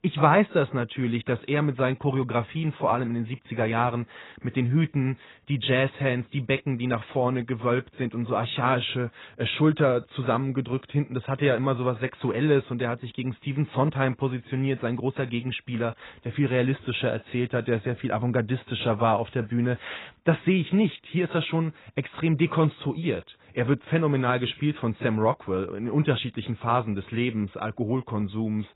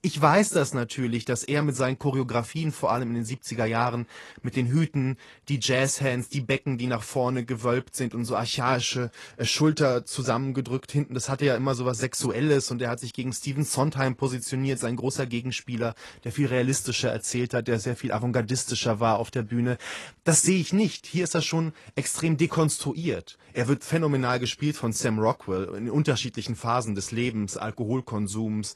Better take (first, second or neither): second